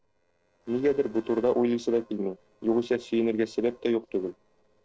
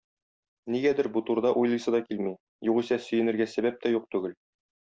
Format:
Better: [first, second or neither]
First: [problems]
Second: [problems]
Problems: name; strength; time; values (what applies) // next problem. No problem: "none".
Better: second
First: noise reduction (neural separator model SepFormer DNS4)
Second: none